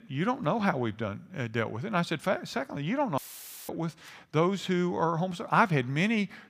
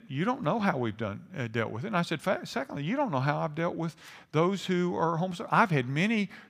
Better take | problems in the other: second | audio cutting out; filled with static; at 3 s for 0.5 s

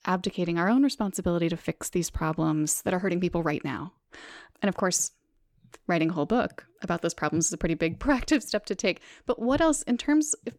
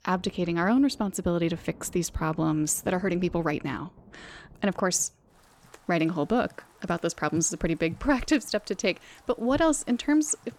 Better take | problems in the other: first | rain or running water; faint; throughout; 25 dB below the speech

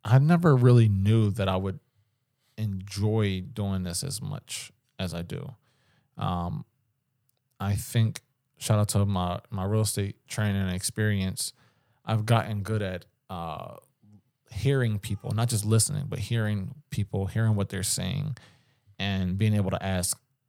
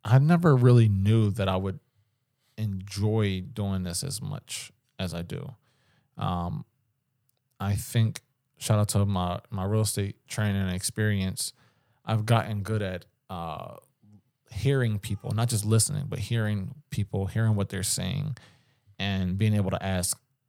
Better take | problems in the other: neither | none

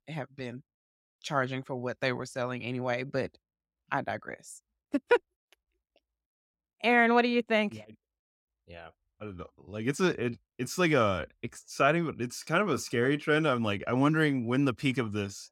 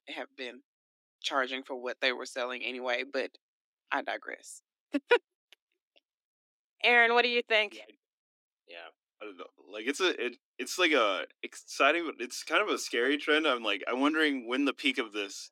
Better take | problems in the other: first | thin; very slightly; fading below 250 Hz

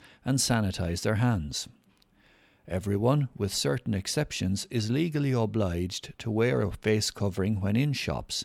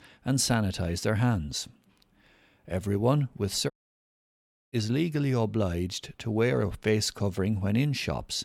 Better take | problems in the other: first | audio cutting out; at 3.5 s for 1 s

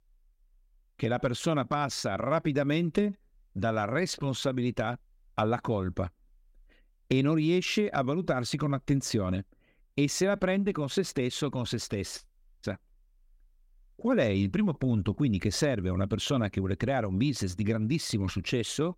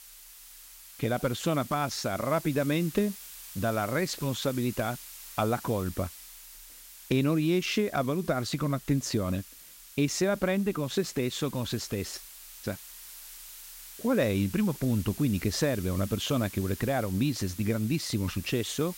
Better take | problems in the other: first | hiss; noticeable; throughout; 15 dB below the speech

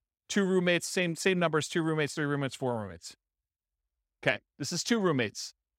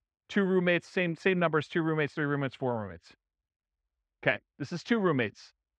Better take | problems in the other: first | muffled; very; fading above 2 kHz

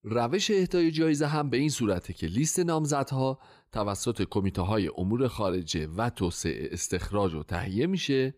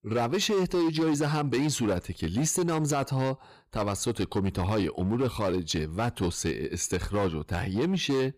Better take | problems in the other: first | distortion; slight; 13% of the sound clipped

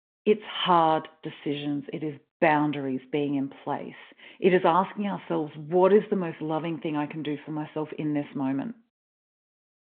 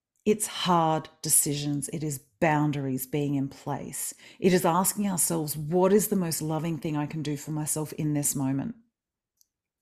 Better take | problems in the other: second | phone-call audio

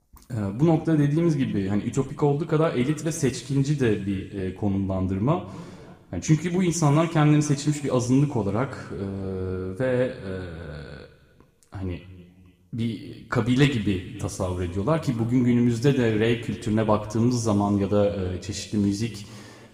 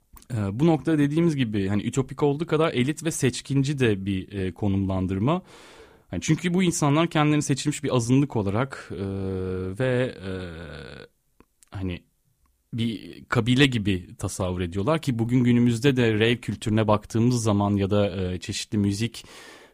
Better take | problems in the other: second | room echo; slight; dies away in 1.6 s

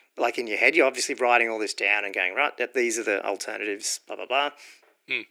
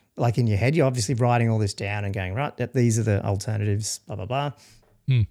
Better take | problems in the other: second | thin; very; fading below 300 Hz

